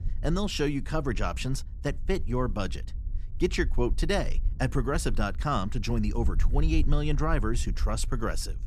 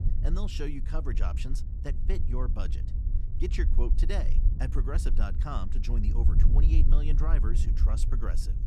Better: first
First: low rumble; faint; throughout; 20 dB below the speech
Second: low rumble; loud; throughout; 7 dB below the speech

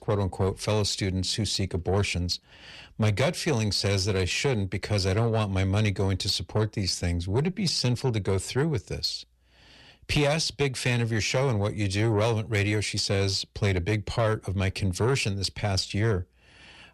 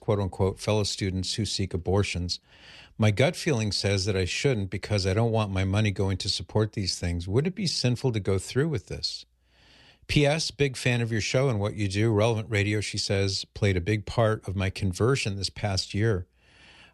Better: second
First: distortion; slight; 10 dB below the speech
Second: none

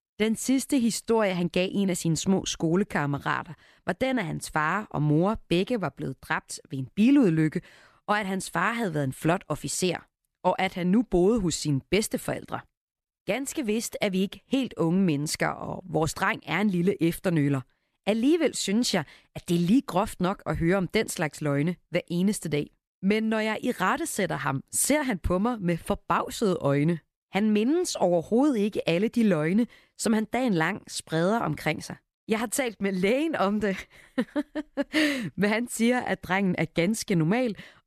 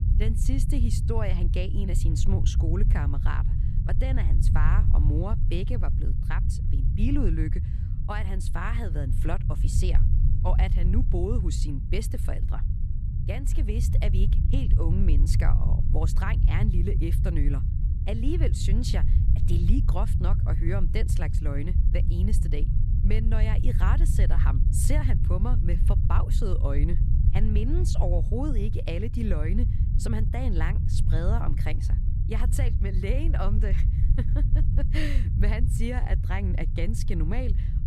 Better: first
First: none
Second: low rumble; loud; throughout; 5 dB below the speech

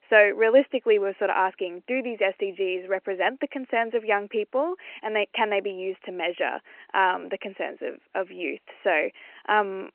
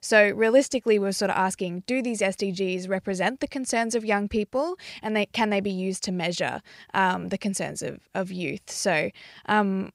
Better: second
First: phone-call audio; nothing above 3 kHz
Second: none

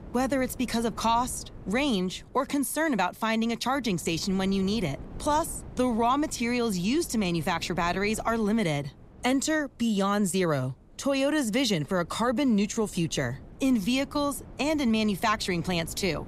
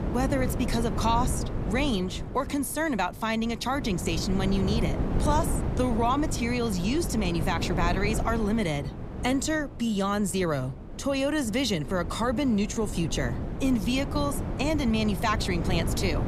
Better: first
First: wind noise on the microphone; occasional gusts; 25 dB below the speech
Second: wind noise on the microphone; heavy; 10 dB below the speech

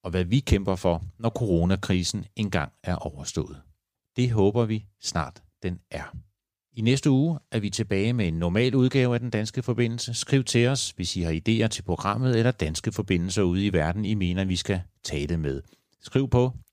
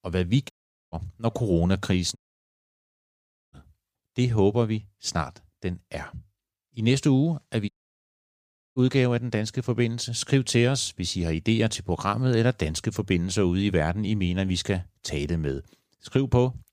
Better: first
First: none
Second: audio cutting out; at 0.5 s, at 2 s for 1.5 s and at 7.5 s for 1 s

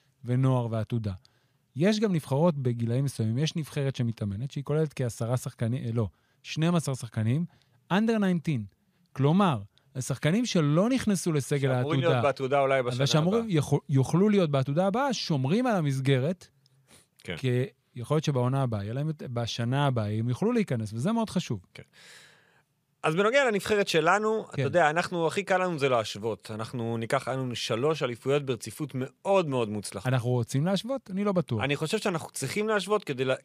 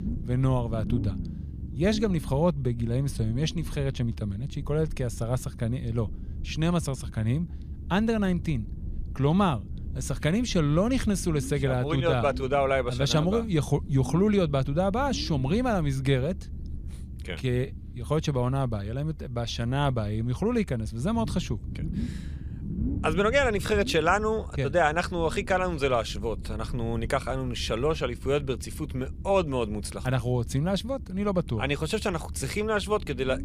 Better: first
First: none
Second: low rumble; noticeable; throughout; 20 dB below the speech

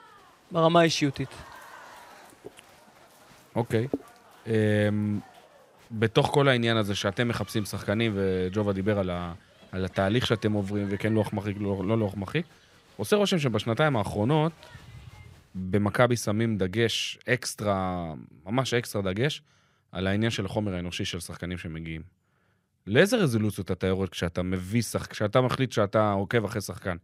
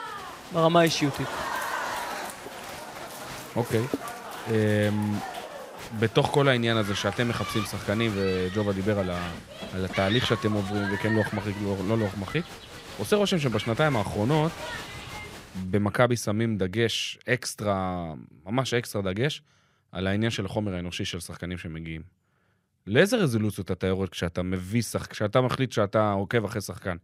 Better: first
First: crowd noise; faint; until 16 s; 25 dB below the speech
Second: crowd noise; loud; until 16 s; 9 dB below the speech

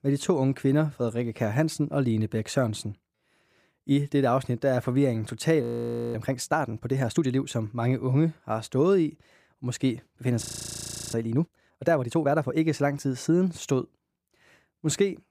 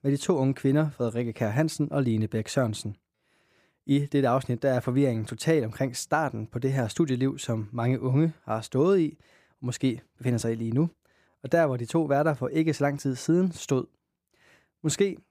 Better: second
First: audio freezing; at 5.5 s for 0.5 s and at 10 s for 0.5 s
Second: none

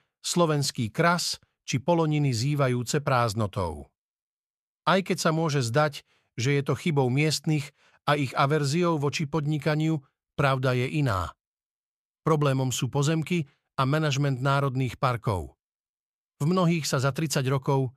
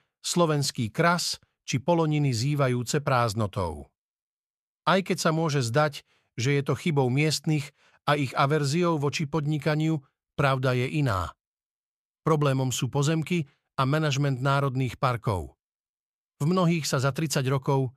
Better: neither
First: none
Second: none

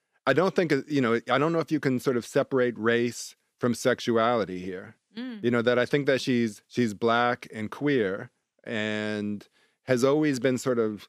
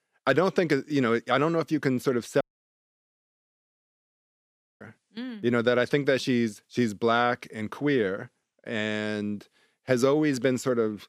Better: first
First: none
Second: audio cutting out; at 2.5 s for 2.5 s

